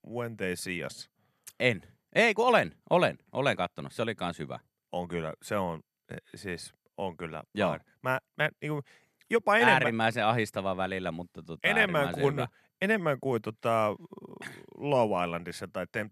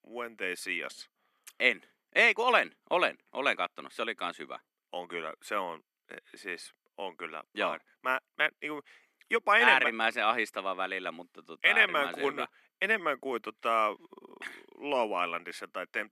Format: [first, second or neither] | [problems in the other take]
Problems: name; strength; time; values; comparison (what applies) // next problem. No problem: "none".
first | thin; somewhat; fading below 250 Hz